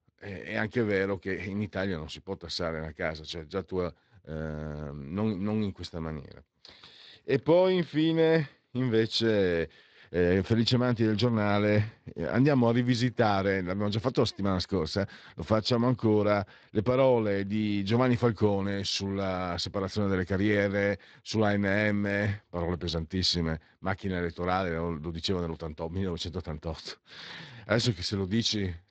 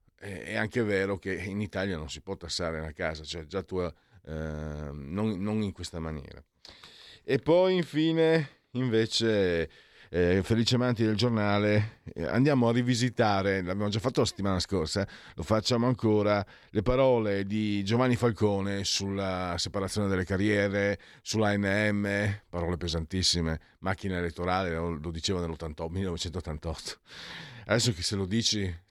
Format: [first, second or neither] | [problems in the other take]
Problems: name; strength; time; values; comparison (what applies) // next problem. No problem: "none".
second | garbled, watery; slightly; nothing above 7.5 kHz